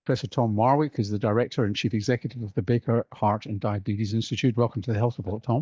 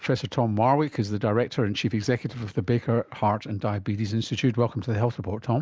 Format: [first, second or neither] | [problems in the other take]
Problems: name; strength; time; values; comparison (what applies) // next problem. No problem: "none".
second | noise reduction (neural mask model DeepFilterNet 3)